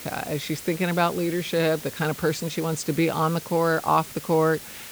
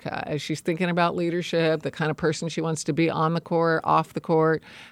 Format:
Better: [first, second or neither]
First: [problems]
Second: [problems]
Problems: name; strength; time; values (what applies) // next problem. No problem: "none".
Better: second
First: hiss; noticeable; throughout; 10 dB below the speech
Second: none